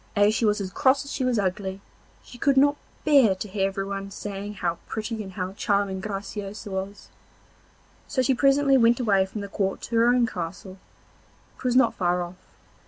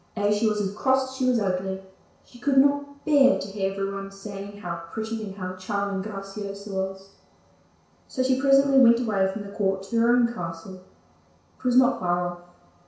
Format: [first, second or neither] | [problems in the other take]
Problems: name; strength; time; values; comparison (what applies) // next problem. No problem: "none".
first | room echo; dies away in 0.6 s